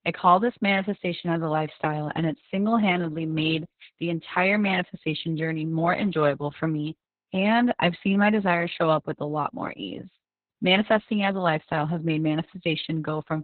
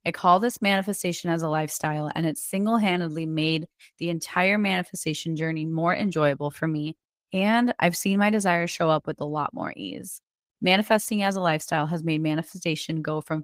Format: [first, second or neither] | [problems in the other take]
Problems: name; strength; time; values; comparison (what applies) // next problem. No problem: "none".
second | garbled, watery; badly; nothing above 4 kHz; slightly in the second